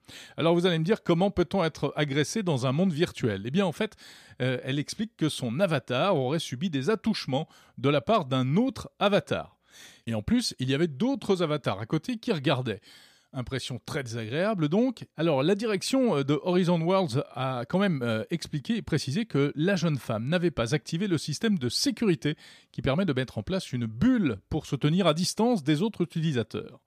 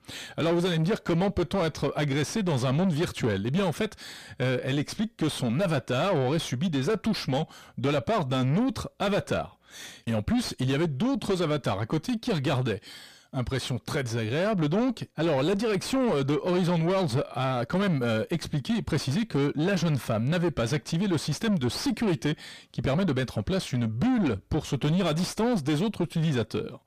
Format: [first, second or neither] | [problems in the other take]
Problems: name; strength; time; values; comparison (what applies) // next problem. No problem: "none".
first | distortion; heavy; 7 dB below the speech